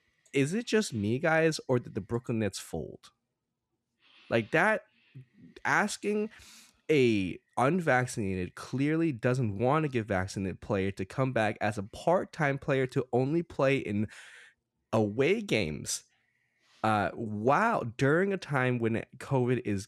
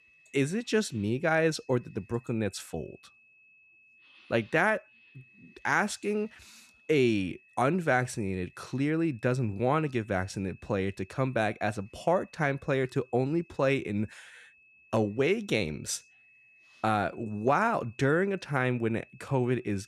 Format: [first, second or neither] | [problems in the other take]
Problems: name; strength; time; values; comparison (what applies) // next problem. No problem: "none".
first | high-pitched whine; faint; throughout; 2.5 kHz, 30 dB below the speech